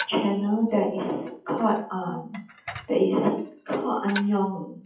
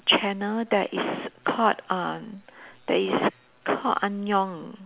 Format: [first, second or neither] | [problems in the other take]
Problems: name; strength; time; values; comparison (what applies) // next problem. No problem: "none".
second | noise reduction (classical method WPE with log-MMSE)